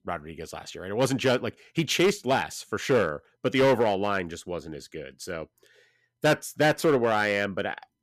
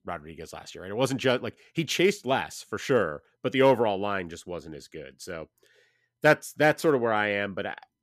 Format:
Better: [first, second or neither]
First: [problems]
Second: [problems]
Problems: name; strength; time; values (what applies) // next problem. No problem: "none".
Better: second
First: distortion; slight; 5% of the sound clipped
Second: none